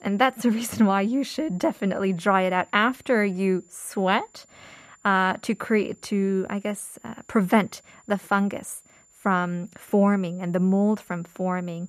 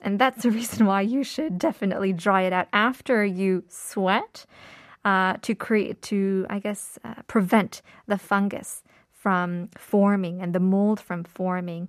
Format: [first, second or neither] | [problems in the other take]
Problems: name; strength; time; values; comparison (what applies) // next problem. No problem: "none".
second | high-pitched whine; faint; throughout; 7 kHz, 30 dB below the speech